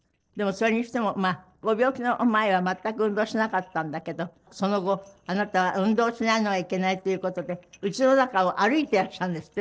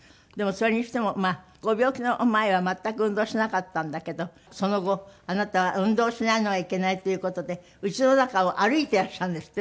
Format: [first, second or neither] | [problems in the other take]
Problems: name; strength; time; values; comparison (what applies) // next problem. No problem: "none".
second | noise reduction (neural separator model SepFormer DNS4)